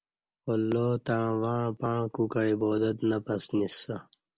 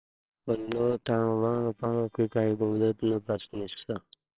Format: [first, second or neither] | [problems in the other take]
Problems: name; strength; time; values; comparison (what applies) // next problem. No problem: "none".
first | noise reduction (neural separator model SepFormer WHAMR!)